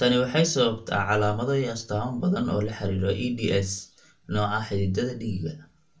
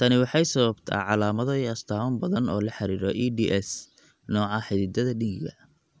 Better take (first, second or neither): second